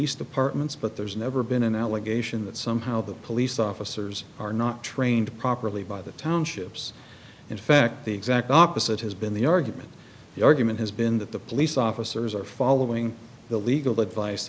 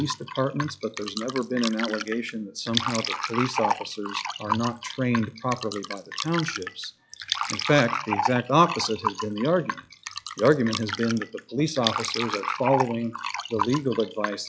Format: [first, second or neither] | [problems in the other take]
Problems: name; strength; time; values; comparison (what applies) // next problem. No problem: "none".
first | noise reduction (classical method log-MMSE)